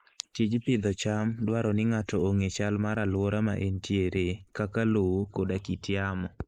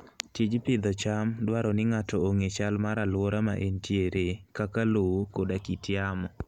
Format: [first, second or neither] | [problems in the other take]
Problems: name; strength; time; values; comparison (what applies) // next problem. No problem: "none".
second | noise reduction (neural mask model Resemble Enhance denoiser)